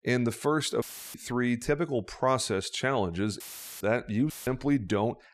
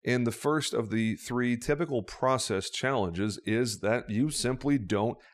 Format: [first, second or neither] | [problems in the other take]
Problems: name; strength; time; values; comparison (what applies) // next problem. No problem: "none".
second | audio cutting out; filled with static; at 1 s, at 3.5 s and at 4.5 s